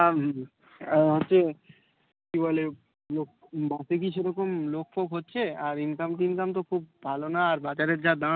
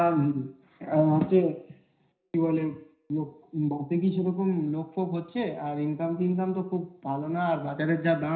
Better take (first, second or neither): first